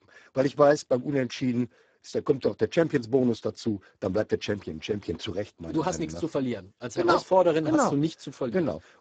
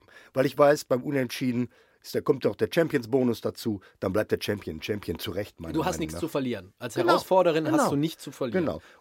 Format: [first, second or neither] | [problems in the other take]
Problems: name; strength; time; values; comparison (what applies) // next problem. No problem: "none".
second | garbled, watery; badly; nothing above 7.5 kHz